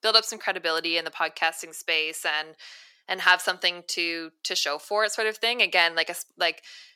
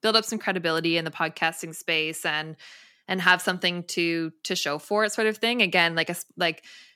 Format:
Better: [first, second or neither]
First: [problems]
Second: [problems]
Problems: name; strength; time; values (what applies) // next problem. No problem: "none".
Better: second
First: thin; very; fading below 600 Hz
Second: none